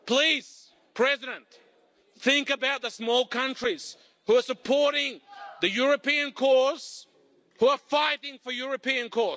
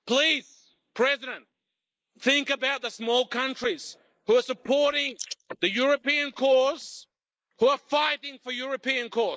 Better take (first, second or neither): first